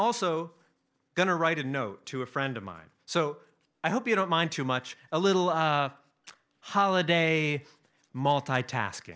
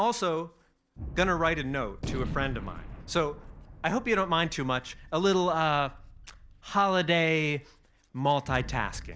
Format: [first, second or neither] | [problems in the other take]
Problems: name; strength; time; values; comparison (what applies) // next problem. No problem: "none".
first | background sound (Gunshot, gunfire); 12 dB below the speech